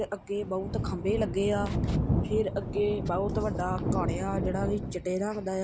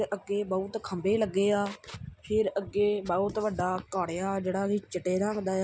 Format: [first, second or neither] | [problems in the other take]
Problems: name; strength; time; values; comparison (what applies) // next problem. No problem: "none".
second | background sound (Thunder); 1 dB below the speech